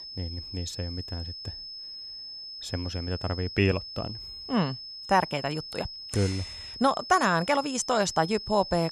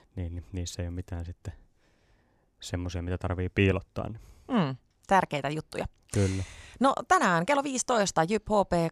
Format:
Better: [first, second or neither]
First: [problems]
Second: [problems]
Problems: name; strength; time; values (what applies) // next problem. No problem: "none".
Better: second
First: high-pitched whine; loud; throughout; 5 kHz, 10 dB below the speech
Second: none